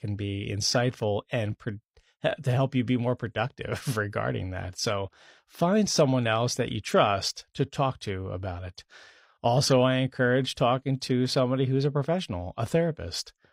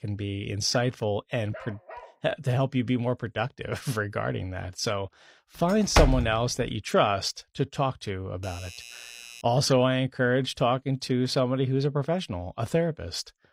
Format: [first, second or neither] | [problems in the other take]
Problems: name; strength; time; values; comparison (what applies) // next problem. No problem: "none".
first | dog barking; faint; at 1.5 s; peak 15 dB below the speech // door banging; loud; at 6 s; peak 3 dB above the speech // doorbell; faint; from 8.5 to 9.5 s; peak 15 dB below the speech